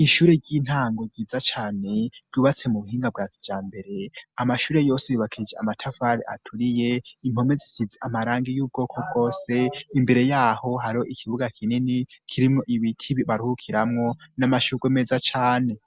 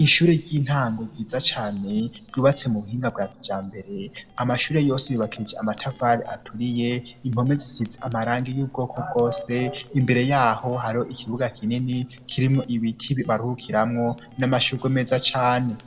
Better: first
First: none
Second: noise reduction (neural separator model SepFormer DNS4)

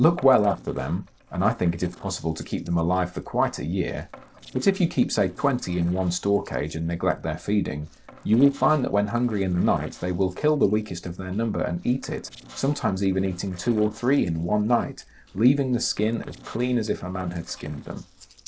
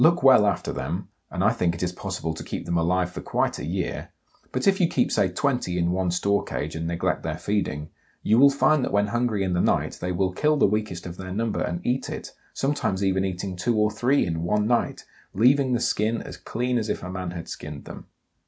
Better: second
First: noise reduction (neural separator model SepFormer DNS4)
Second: none

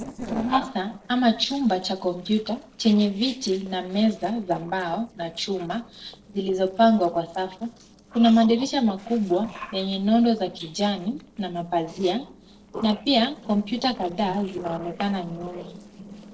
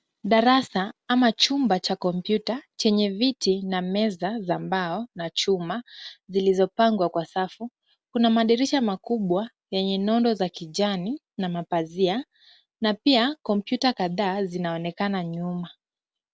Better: second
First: noise reduction (neural separator model SepFormer DNS4)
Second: none

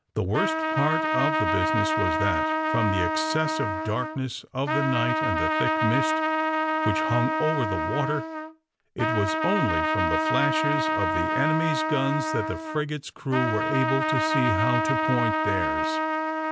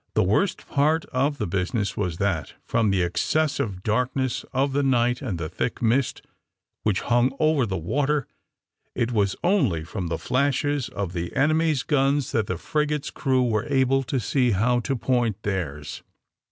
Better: second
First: background sound (Trumpet); 2 dB above the speech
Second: none

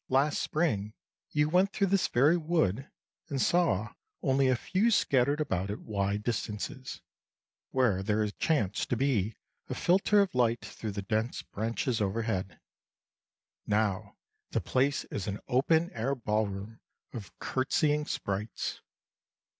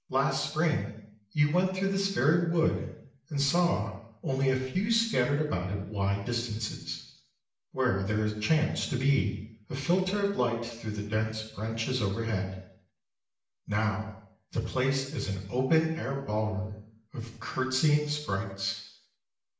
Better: first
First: none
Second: room echo; dies away in 0.7 s

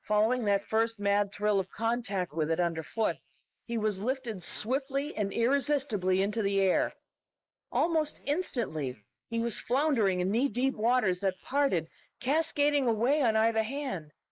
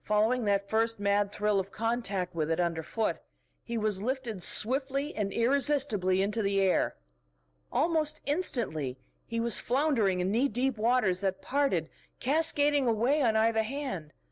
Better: second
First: noise reduction (neural mask model Resemble Enhance denoiser)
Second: none

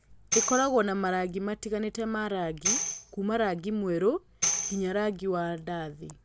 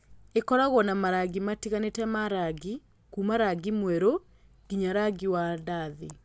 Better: second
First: background sound (Tambourine); 5 dB below the speech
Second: none

